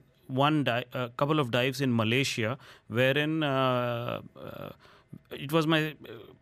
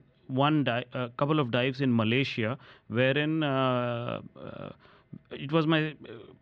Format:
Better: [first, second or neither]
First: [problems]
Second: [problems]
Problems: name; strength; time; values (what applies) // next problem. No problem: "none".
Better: first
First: none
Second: muffled; slightly; fading above 4 kHz